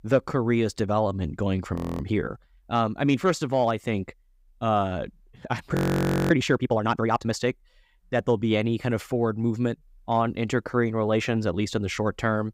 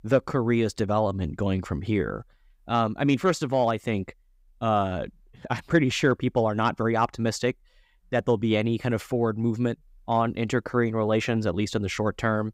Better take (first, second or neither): second